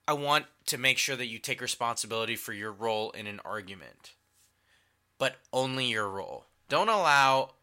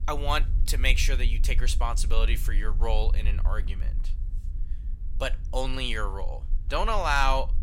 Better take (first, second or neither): first